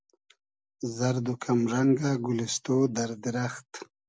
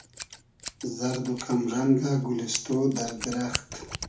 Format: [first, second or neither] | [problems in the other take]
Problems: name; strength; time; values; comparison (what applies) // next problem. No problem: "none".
first | background sound (Scissors); 12 dB below the speech // room echo; dies away in 0.4 s